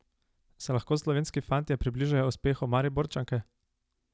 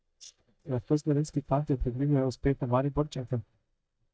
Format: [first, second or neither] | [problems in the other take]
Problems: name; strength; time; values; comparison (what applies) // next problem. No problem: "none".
first | noise reduction (neural mask model DeepFilterNet 3)